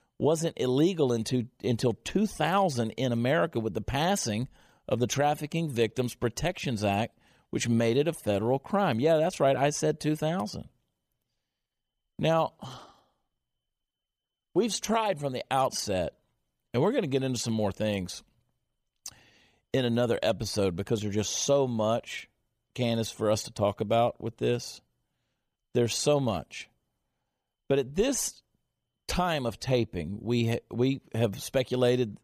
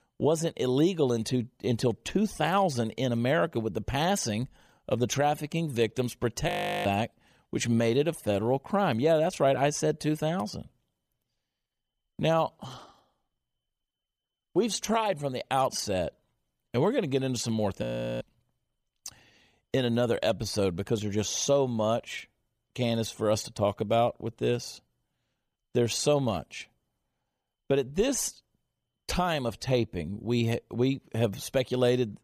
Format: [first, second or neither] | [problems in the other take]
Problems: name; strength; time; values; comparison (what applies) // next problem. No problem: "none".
first | audio freezing; at 6.5 s and at 18 s